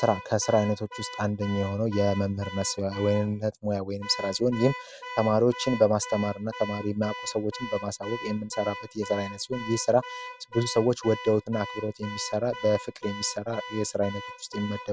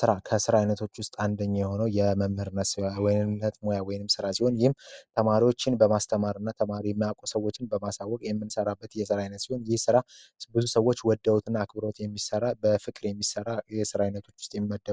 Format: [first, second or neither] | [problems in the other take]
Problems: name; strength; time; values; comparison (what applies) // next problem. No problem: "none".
second | background sound (Alarm / Car); 13 dB below the speech